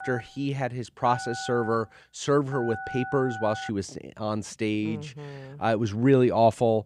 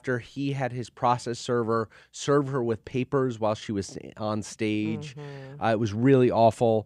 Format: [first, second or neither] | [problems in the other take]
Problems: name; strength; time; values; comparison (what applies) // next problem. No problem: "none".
second | phone ringing; noticeable; until 3.5 s; peak 9 dB below the speech